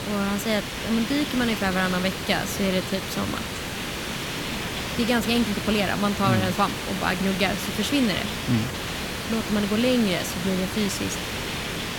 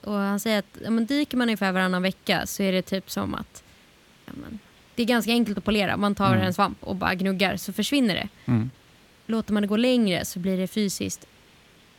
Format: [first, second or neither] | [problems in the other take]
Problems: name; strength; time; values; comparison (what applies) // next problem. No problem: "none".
second | hiss; loud; throughout; 4 dB below the speech; faint in the second